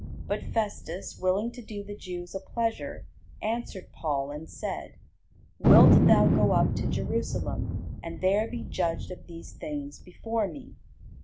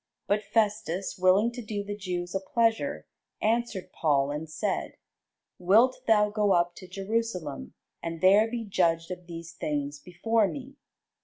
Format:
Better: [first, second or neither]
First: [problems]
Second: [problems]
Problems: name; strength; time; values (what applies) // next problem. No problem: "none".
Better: second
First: background sound (Thunder); 2 dB above the speech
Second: none